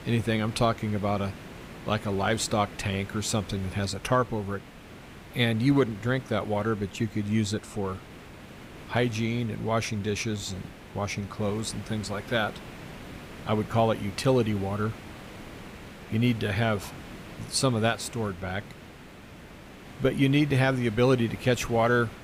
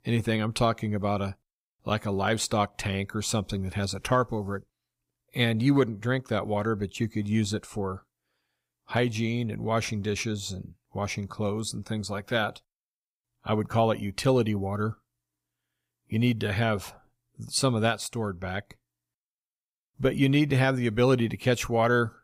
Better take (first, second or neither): second